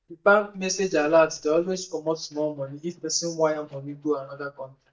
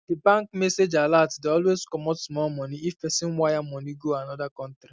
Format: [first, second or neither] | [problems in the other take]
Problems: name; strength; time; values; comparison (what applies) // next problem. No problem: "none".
second | noise reduction (neural mask model DeepFilterNet 3)